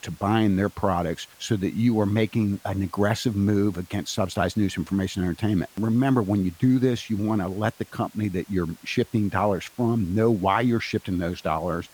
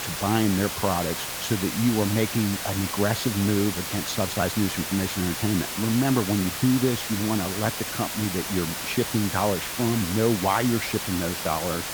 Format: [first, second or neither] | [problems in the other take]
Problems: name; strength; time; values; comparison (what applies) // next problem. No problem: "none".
first | hiss; loud; throughout; 4 dB below the speech; faint in the first